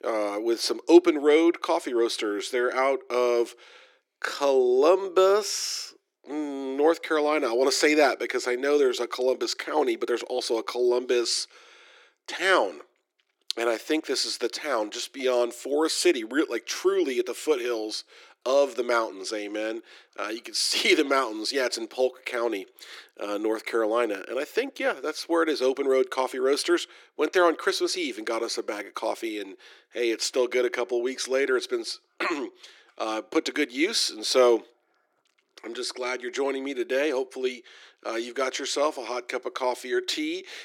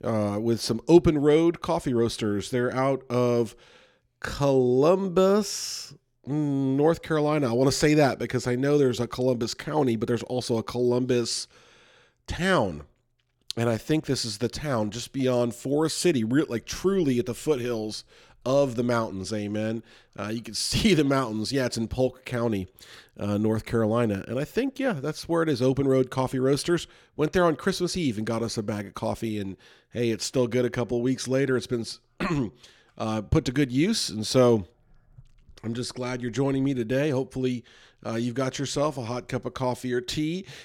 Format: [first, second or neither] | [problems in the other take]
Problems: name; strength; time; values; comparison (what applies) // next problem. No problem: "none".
second | thin; somewhat; fading below 350 Hz